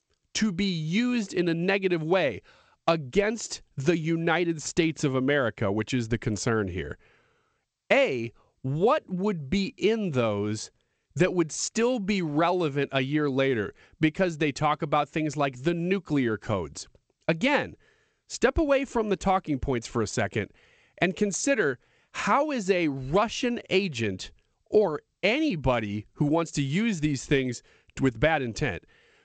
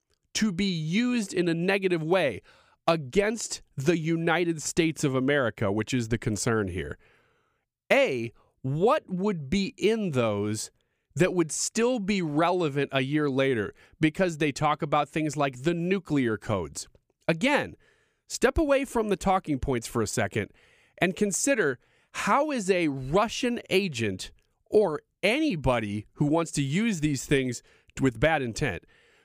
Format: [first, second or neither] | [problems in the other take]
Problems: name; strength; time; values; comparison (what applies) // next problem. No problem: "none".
second | garbled, watery; slightly; nothing above 8 kHz